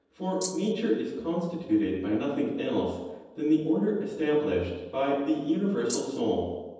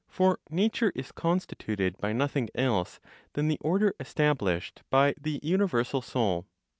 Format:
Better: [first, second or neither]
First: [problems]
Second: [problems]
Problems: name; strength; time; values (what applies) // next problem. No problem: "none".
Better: second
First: noise reduction (neural separator model SepFormer DNS4)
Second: none